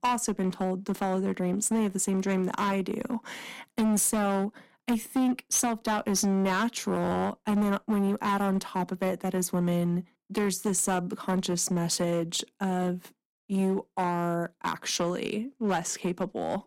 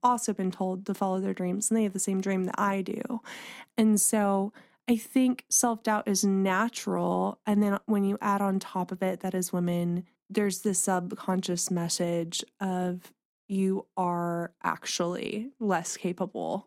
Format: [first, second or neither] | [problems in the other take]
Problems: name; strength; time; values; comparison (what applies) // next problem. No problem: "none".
second | distortion; slight; 11% of the sound clipped